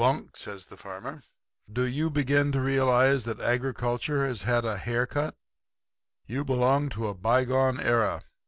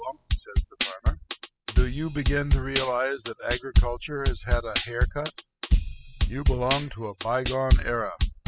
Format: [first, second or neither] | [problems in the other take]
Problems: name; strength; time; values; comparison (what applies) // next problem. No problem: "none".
first | noise reduction (classical method spectral subtraction)